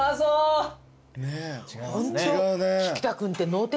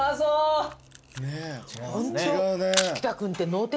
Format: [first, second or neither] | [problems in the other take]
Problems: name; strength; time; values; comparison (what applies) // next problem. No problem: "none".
first | background sound (Camera); 11 dB below the speech